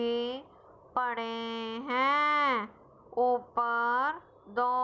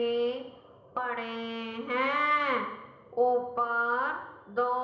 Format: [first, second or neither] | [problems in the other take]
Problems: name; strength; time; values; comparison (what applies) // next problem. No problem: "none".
first | room echo; dies away in 0.9 s